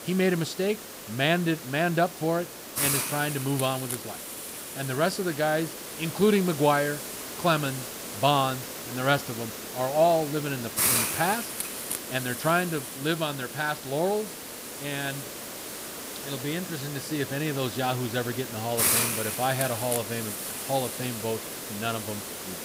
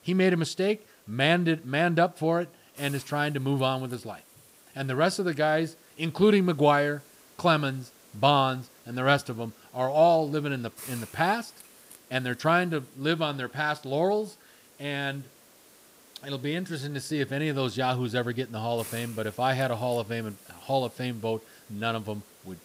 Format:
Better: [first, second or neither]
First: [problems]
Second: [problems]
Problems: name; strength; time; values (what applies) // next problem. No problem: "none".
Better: second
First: hiss; loud; throughout; 4 dB below the speech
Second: hiss; faint; throughout; 25 dB below the speech